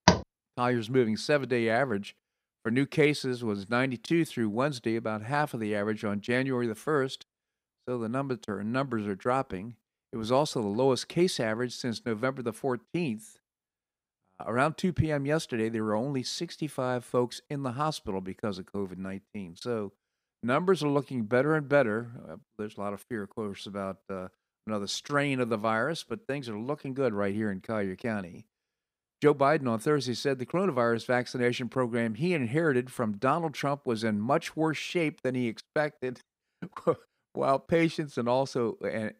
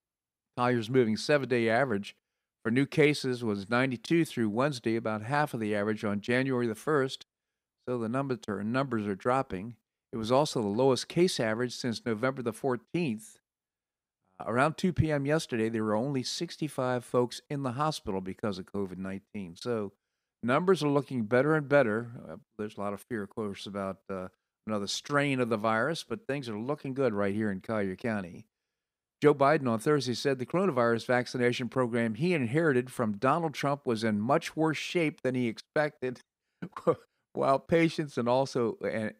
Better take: second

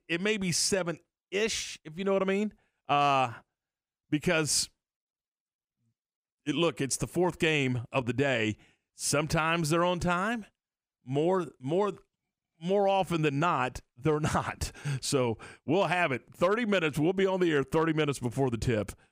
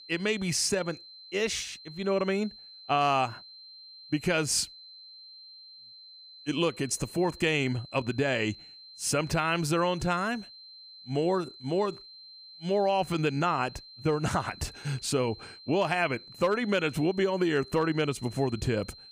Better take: first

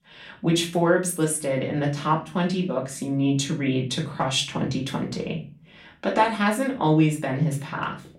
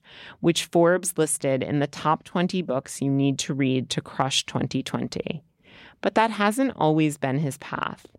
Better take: second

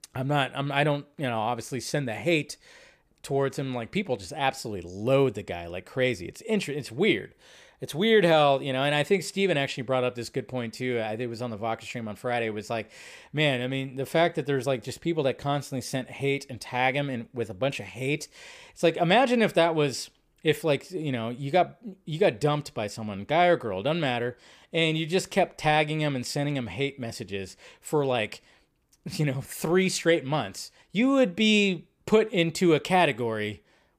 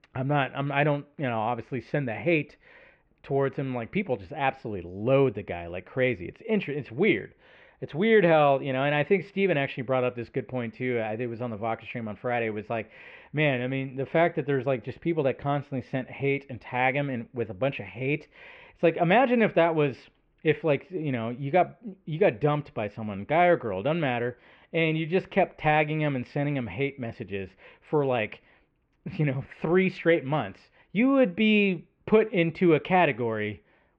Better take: first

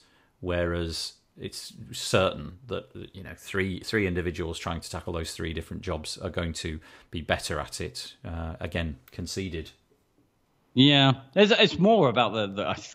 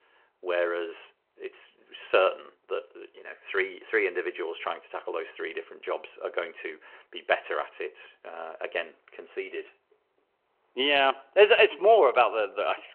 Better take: first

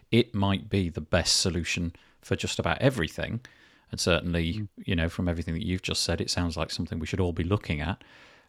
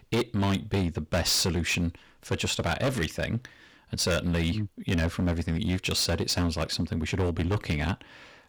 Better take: first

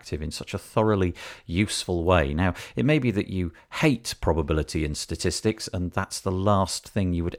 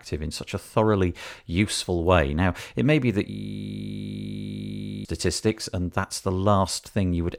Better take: first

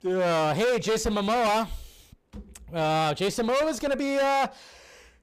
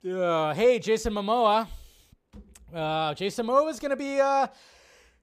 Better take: second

